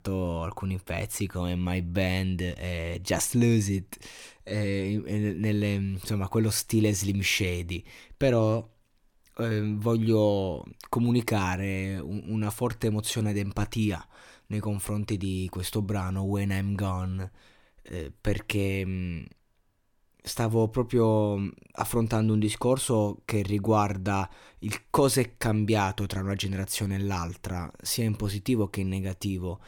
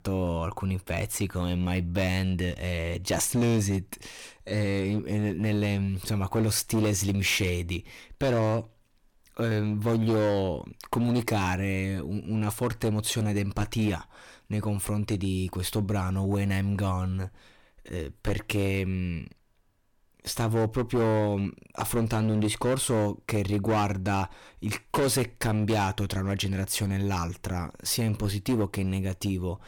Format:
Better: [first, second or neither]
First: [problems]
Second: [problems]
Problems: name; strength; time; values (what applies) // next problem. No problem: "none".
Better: first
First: none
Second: distortion; slight; 9% of the sound clipped